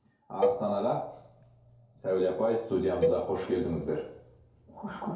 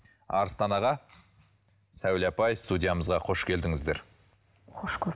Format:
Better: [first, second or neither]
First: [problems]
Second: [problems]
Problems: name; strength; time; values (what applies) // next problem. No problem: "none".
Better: second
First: background sound (Cowbell); 3 dB below the speech // room echo; dies away in 2.4 s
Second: none